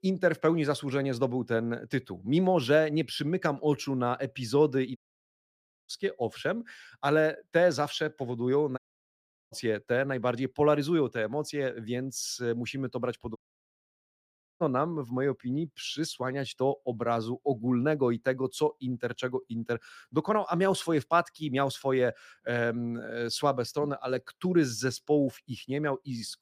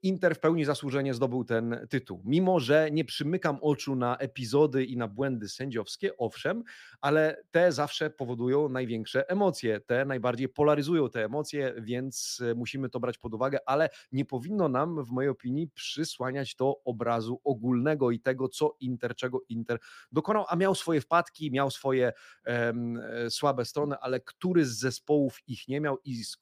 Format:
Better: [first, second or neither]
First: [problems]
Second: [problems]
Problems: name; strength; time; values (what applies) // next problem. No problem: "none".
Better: second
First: audio cutting out; at 5 s for 1 s, at 9 s for 0.5 s and at 13 s for 1 s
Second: none